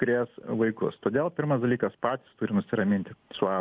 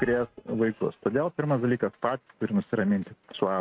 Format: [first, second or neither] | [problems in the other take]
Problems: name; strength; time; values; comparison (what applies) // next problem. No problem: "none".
first | noise reduction (neural mask model RNNoise)